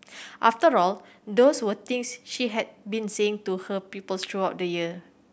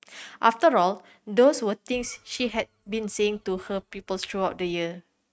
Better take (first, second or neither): first